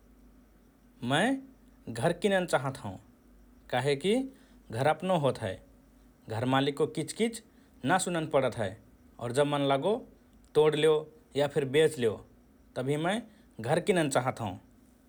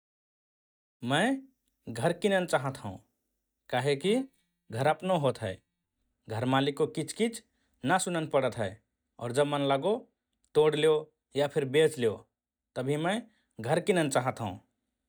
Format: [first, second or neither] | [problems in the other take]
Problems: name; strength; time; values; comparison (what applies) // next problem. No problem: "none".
first | noise reduction (neural mask model DeepFilterNet 3)